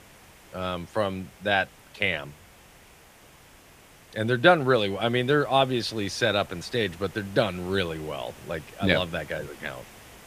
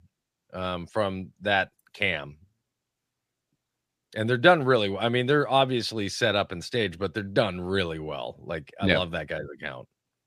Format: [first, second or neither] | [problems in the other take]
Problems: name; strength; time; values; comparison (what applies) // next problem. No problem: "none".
second | hiss; faint; throughout; 25 dB below the speech